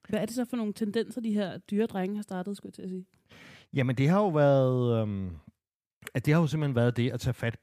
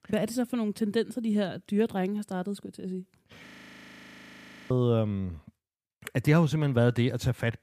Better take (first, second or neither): first